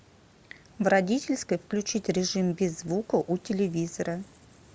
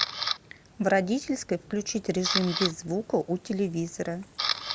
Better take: first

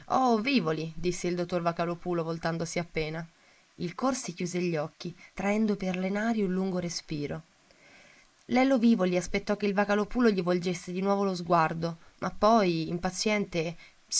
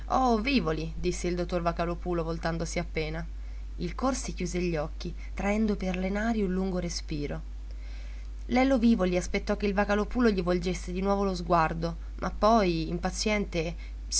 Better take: second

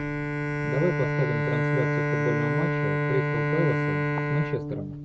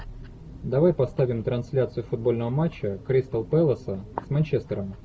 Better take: second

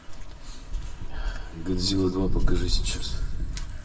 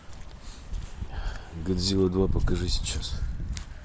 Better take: second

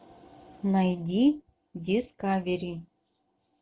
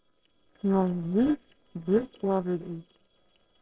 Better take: first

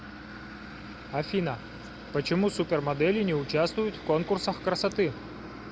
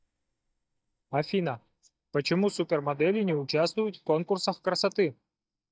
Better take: first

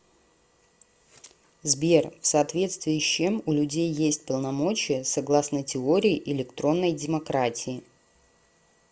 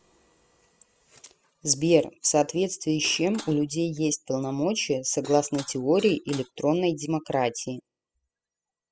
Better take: first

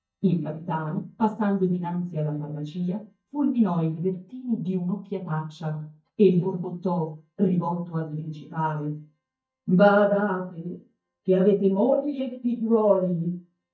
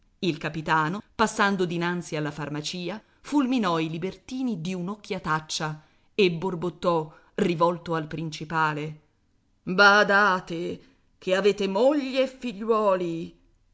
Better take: second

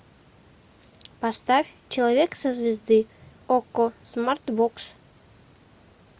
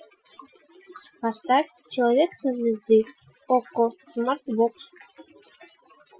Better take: first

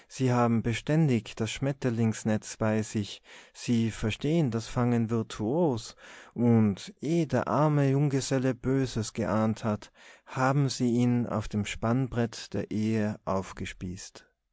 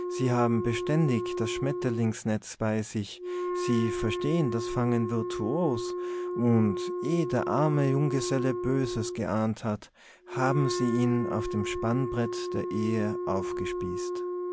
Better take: first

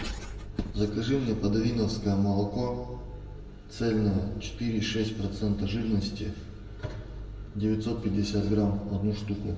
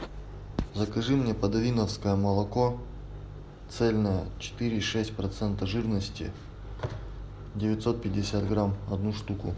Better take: second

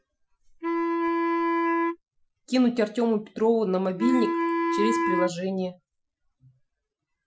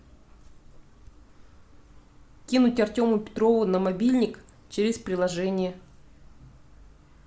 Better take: second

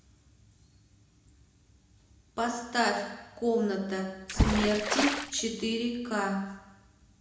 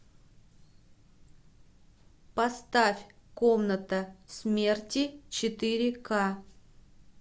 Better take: second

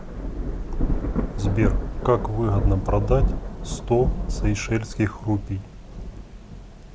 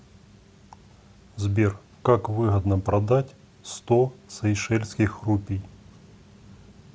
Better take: second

